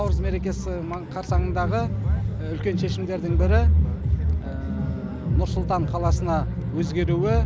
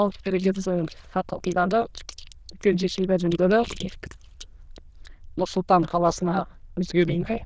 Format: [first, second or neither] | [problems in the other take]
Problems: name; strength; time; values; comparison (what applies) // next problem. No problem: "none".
first | noise reduction (neural diffusion model UNIVERSE++)